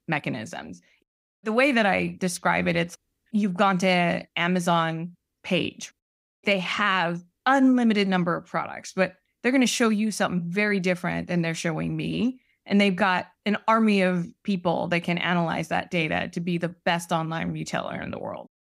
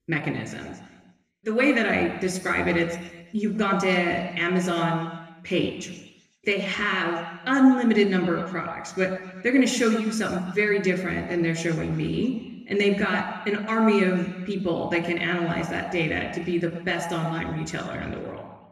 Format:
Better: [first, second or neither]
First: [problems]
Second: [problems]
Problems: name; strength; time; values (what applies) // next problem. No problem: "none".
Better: first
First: none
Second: room echo; noticeable; dies away in 1.1 s // off-mic speech; somewhat distant